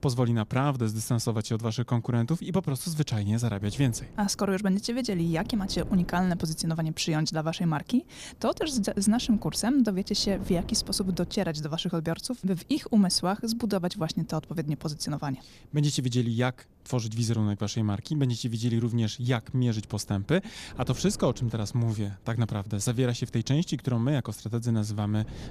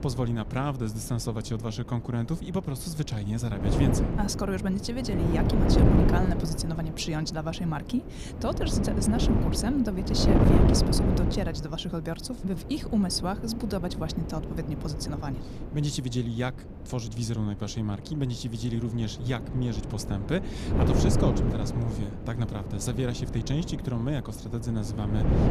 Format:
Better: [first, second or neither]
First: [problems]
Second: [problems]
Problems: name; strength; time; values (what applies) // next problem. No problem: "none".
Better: first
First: wind noise on the microphone; occasional gusts; 20 dB below the speech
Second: wind noise on the microphone; heavy; 1 dB below the speech